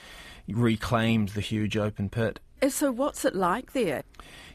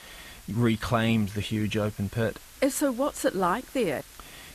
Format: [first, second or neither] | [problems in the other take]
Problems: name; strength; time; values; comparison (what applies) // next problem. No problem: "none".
first | hiss; faint; throughout; 20 dB below the speech